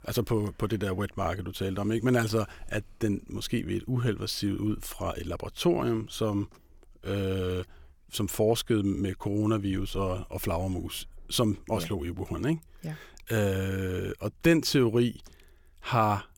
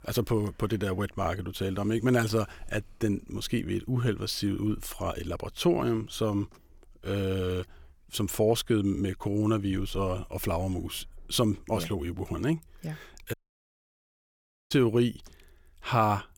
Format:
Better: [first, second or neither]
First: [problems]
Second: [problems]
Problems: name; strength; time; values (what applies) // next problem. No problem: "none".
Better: first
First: none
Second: audio cutting out; at 13 s for 1.5 s